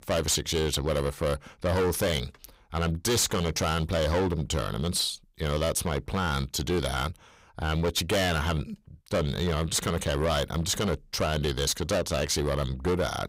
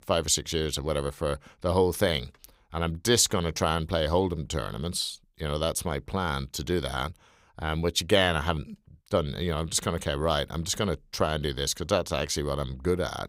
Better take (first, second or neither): second